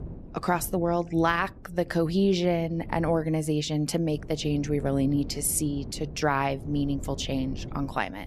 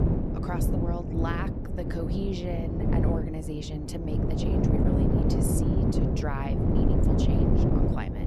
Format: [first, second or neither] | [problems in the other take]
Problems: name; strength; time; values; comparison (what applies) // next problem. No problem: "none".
first | wind noise on the microphone; heavy; 4 dB above the speech; occasional gusts in the first